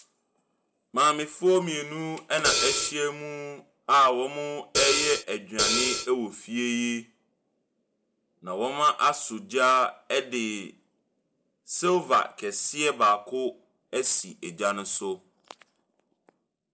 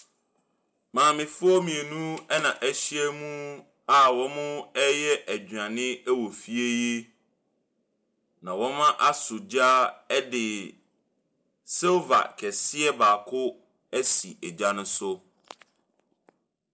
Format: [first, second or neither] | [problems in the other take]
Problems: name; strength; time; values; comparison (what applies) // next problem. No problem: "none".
second | background sound (Hi-hat); 3 dB above the speech